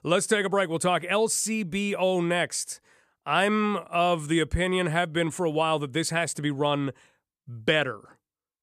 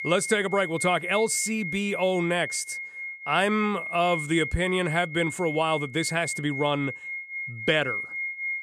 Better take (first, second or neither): first